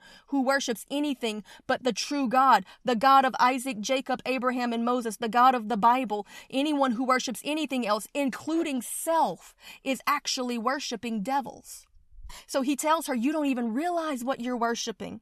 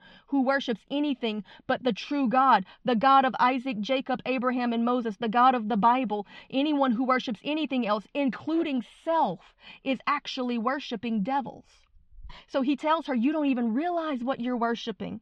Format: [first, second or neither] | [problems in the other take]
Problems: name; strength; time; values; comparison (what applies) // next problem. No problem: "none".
first | muffled; slightly; fading above 3.5 kHz